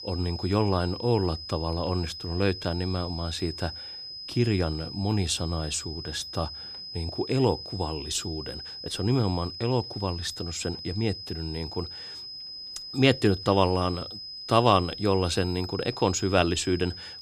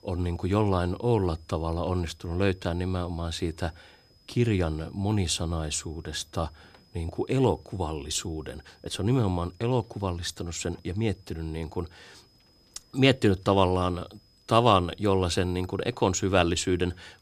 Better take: second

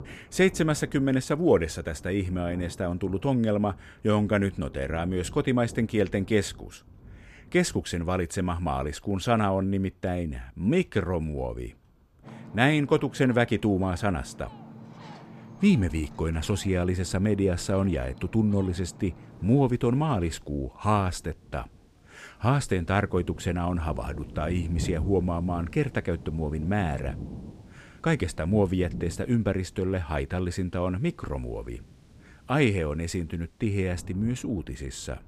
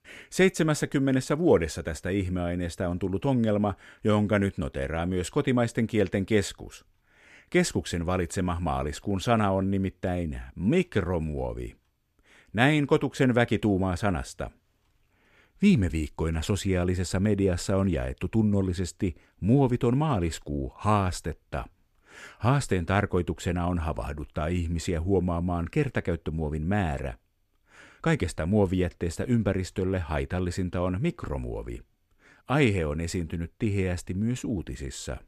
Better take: second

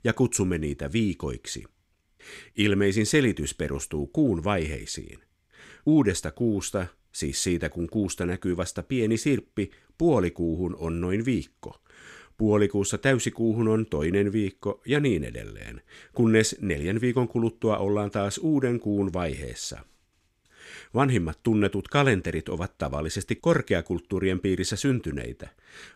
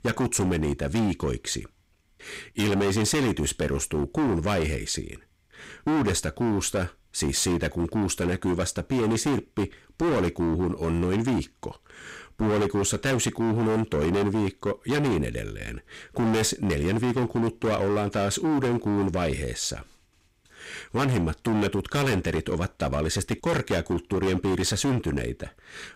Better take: first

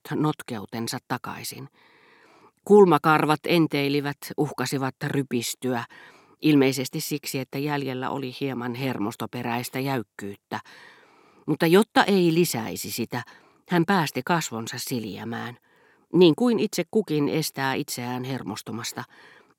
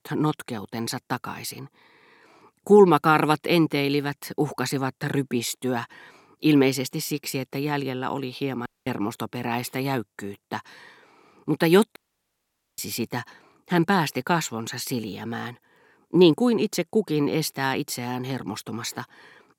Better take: first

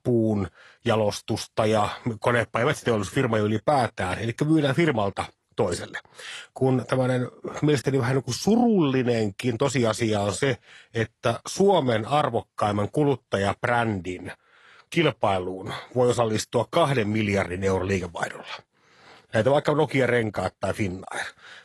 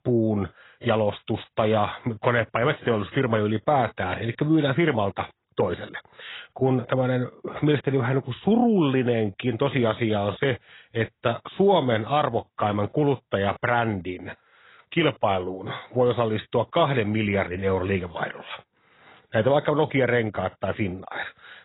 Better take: first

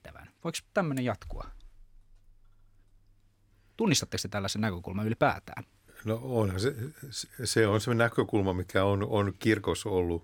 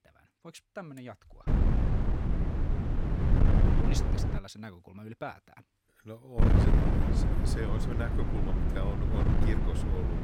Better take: first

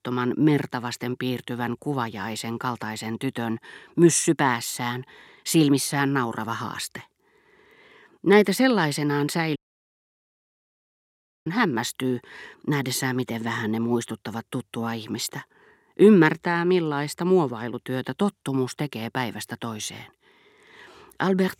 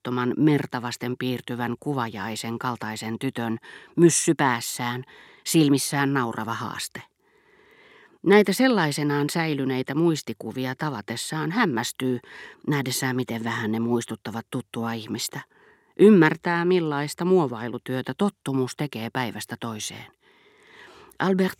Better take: second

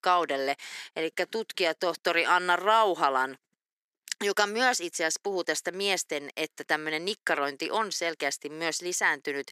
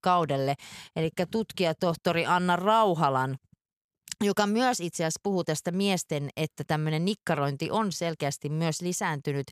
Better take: second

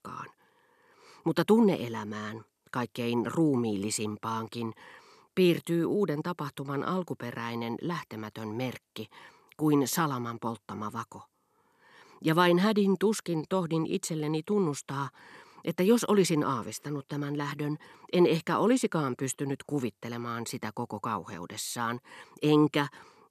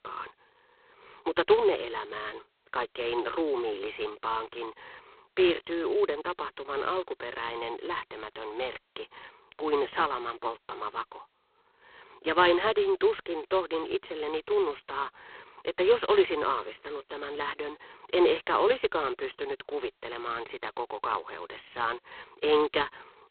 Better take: first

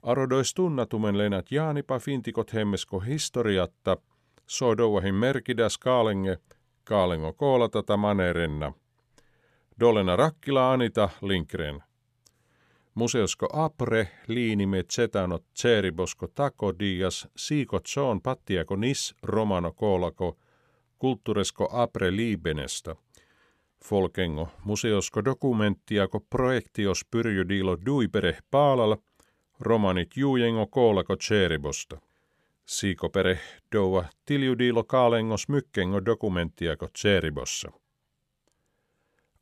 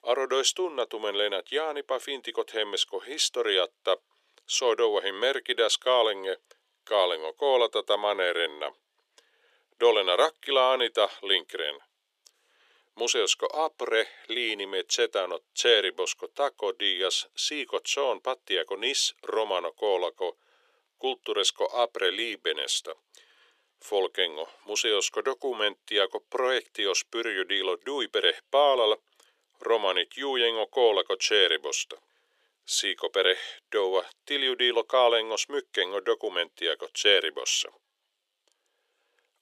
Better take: first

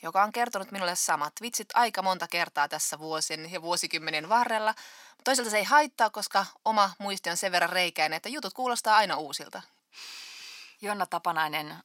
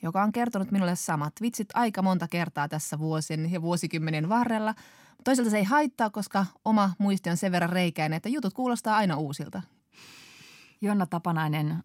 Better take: second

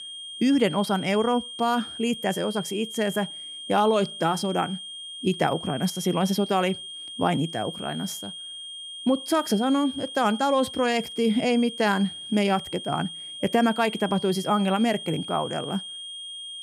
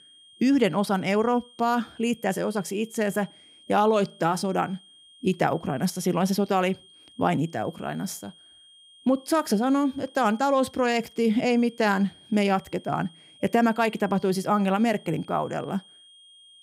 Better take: second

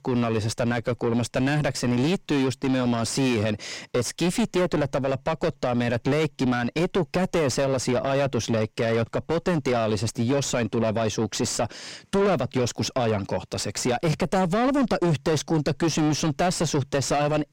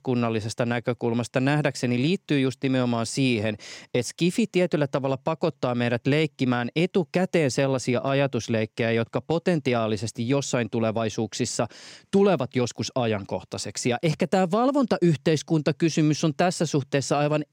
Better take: second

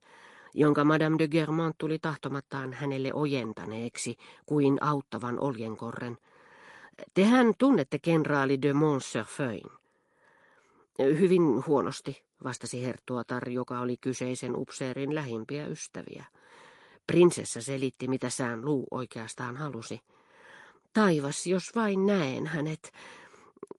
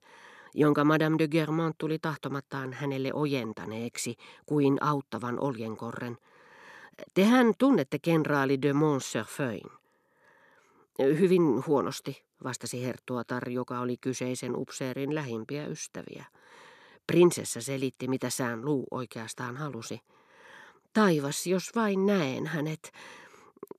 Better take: second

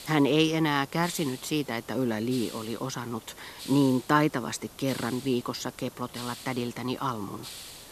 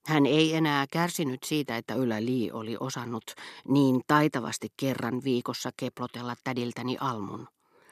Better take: second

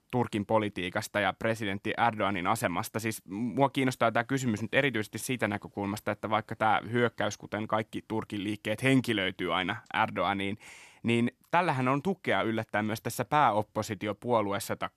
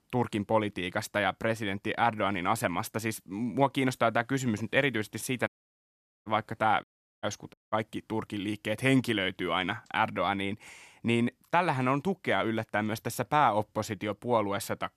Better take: first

